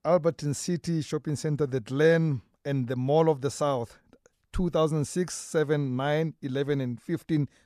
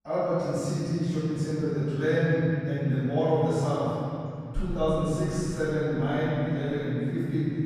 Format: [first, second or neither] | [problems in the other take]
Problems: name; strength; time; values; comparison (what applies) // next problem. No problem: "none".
first | off-mic speech; far // room echo; strong; dies away in 3 s